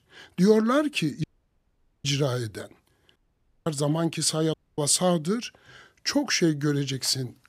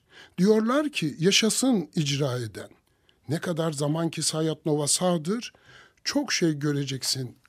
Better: second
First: audio cutting out; at 1 s for 1 s, at 3 s for 0.5 s and at 4.5 s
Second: none

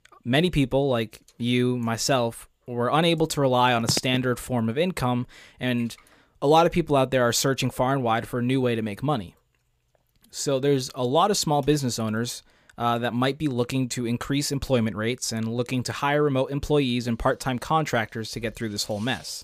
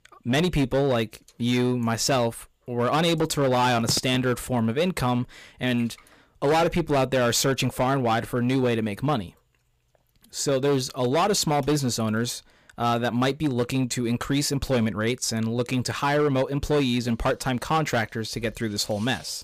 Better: first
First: none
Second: distortion; slight; 9% of the sound clipped

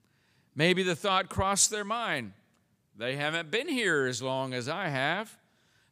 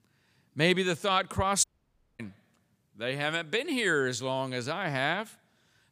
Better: first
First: none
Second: audio cutting out; at 1.5 s for 0.5 s

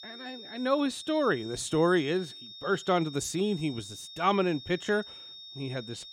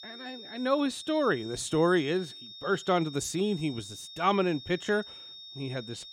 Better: neither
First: high-pitched whine; noticeable; throughout; 3.5 kHz, 15 dB below the speech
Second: high-pitched whine; noticeable; throughout; 3.5 kHz, 15 dB below the speech

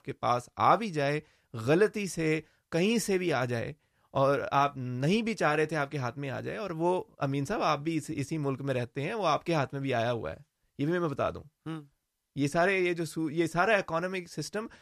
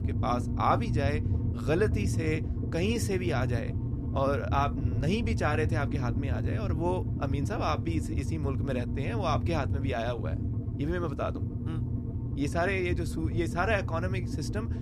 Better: first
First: none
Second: low rumble; loud; throughout; 10 dB below the speech

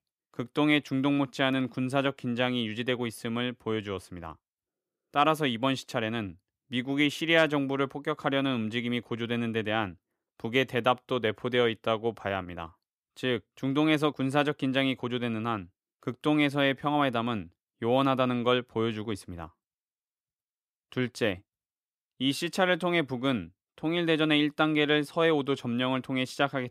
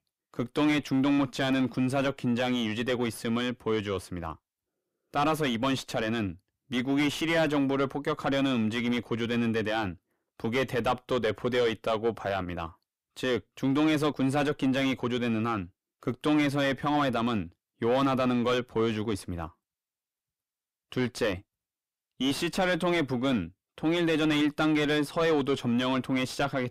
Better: first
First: none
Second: distortion; heavy; 5 dB below the speech

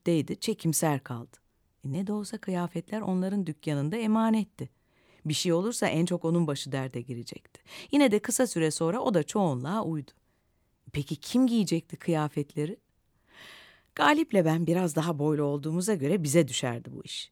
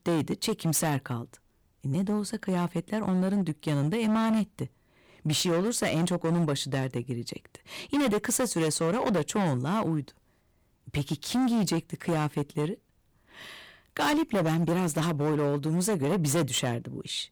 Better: first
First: none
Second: distortion; heavy; 15% of the sound clipped

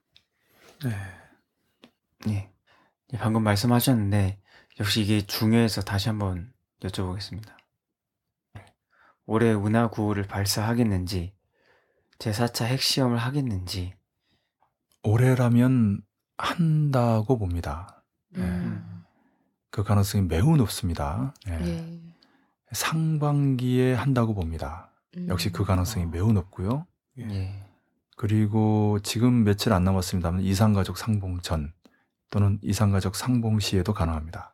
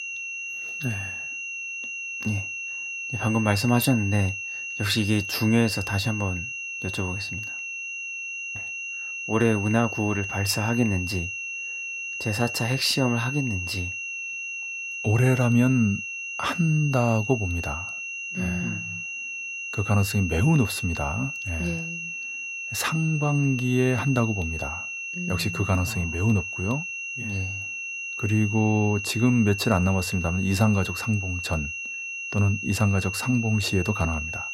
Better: first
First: none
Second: high-pitched whine; loud; throughout; 2.5 kHz, 5 dB below the speech

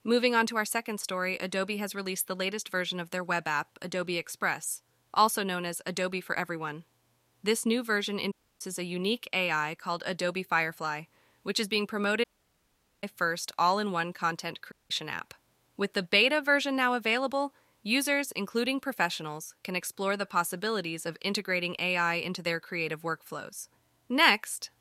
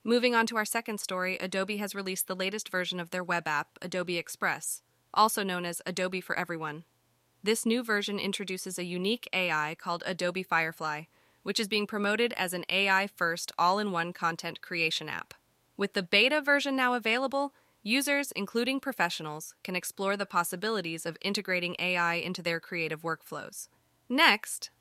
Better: second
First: audio cutting out; at 8.5 s, at 12 s for 1 s and at 15 s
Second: none

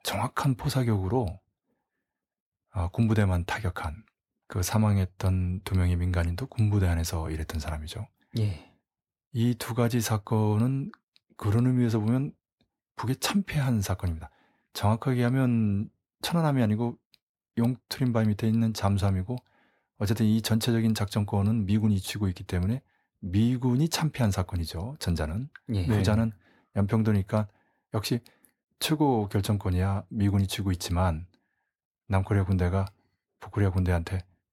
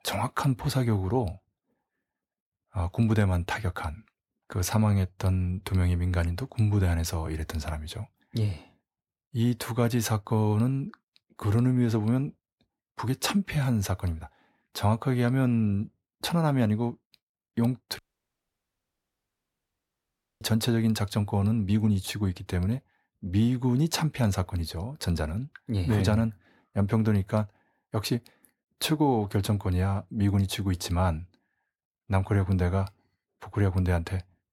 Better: first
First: none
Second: audio cutting out; at 18 s for 2.5 s

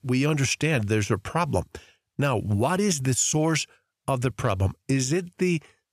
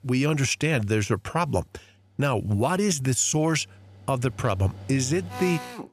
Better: first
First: none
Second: machinery noise; noticeable; throughout; 15 dB below the speech

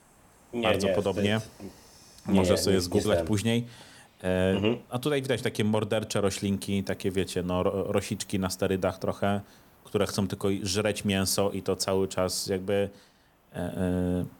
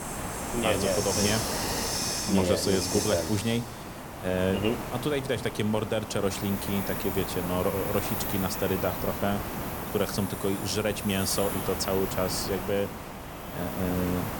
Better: first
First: hiss; faint; throughout; 30 dB below the speech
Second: hiss; loud; throughout; 3 dB below the speech

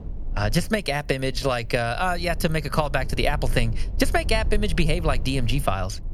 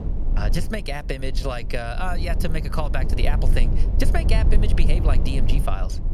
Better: first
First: low rumble; faint; throughout; 20 dB below the speech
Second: low rumble; loud; throughout; 8 dB below the speech

